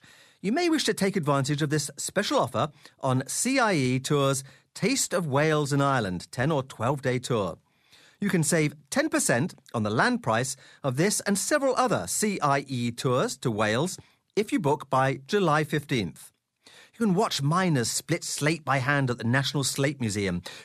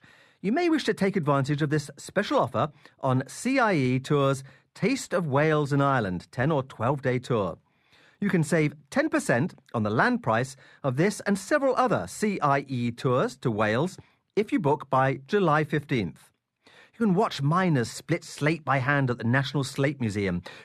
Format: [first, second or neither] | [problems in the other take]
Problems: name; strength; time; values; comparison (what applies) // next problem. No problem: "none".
first | muffled; slightly; fading above 4 kHz